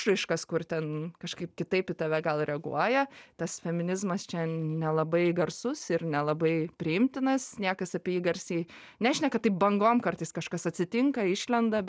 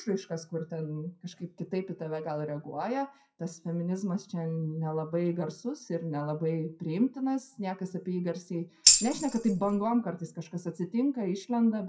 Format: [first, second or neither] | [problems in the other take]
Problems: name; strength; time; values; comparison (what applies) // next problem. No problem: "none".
first | noise reduction (classical method WPE with log-MMSE)